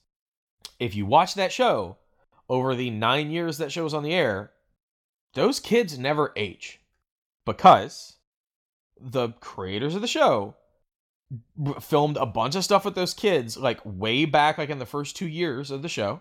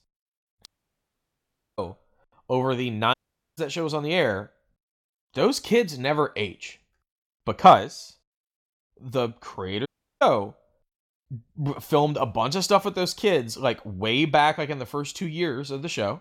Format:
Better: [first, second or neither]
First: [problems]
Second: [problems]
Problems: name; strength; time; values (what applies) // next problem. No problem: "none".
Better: first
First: none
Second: audio cutting out; at 0.5 s for 1 s, at 3 s and at 10 s